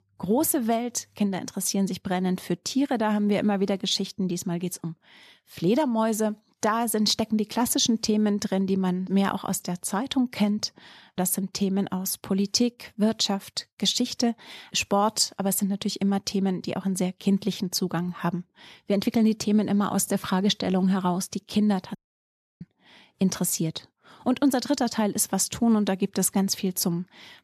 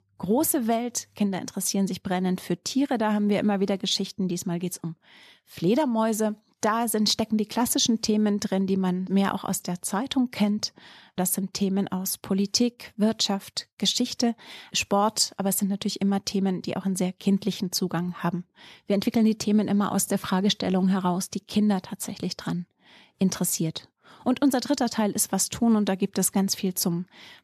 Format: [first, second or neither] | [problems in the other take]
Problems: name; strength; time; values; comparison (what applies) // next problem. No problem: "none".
second | audio cutting out; at 22 s for 0.5 s